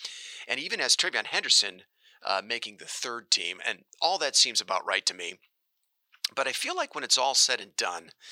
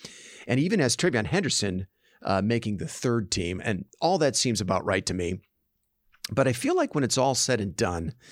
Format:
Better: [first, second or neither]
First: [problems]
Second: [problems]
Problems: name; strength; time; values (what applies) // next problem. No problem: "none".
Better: second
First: thin; very; fading below 800 Hz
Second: none